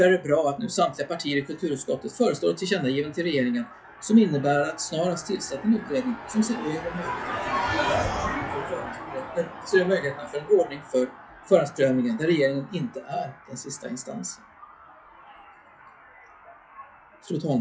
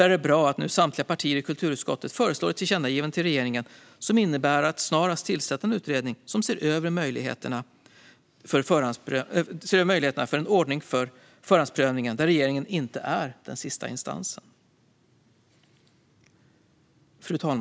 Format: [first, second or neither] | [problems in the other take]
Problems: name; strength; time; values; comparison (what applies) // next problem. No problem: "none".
second | noise reduction (classical method WPE with log-MMSE)